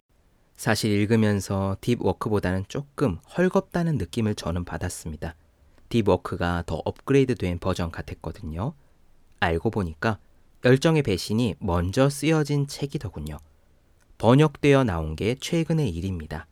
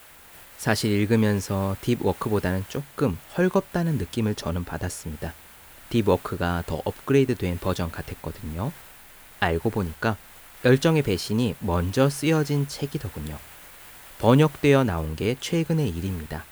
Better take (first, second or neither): first